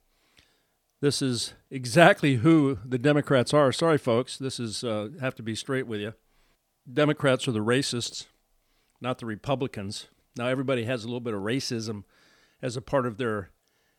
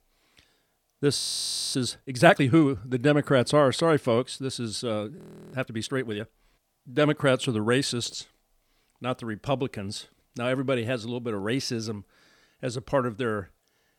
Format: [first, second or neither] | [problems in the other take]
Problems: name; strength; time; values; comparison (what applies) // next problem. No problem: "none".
first | audio freezing; at 1 s for 0.5 s and at 5 s